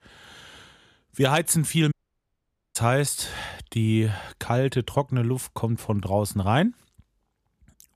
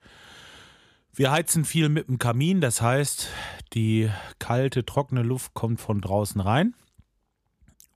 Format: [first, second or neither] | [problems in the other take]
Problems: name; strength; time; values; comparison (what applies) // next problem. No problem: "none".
second | audio cutting out; at 2 s for 1 s